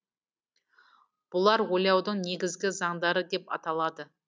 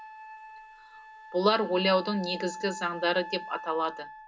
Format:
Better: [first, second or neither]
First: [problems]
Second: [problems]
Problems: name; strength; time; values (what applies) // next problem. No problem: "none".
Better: first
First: none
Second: background sound (Wind instrument, woodwind instrument); 13 dB below the speech // room echo; dies away in 0.2 s